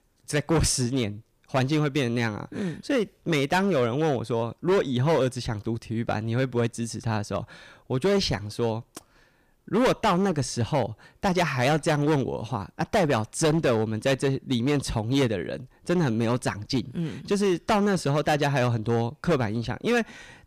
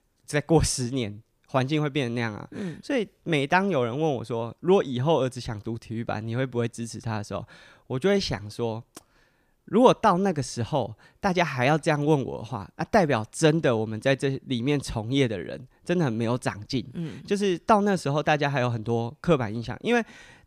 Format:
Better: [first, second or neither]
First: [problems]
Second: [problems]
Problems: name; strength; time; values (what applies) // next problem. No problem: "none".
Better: second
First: distortion; heavy; 8% of the sound clipped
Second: none